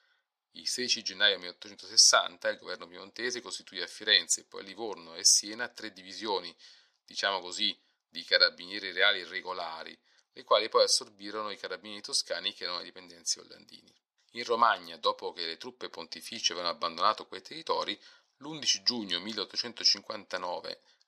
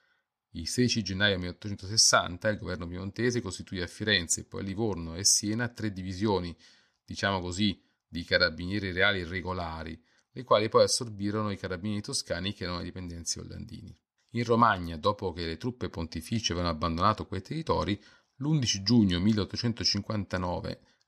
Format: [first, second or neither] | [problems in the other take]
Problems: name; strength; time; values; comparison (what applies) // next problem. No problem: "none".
second | thin; very; fading below 550 Hz